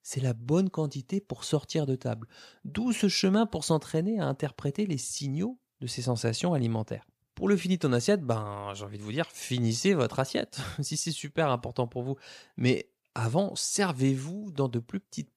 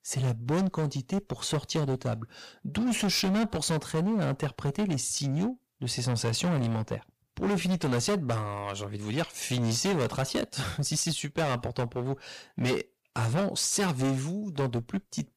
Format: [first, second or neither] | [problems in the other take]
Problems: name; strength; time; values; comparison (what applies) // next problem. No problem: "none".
first | distortion; heavy; 15% of the sound clipped